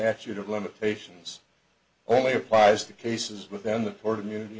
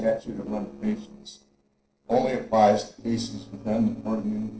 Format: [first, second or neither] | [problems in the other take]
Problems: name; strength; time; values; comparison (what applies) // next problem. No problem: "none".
first | noise reduction (neural separator model SepFormer DNS4)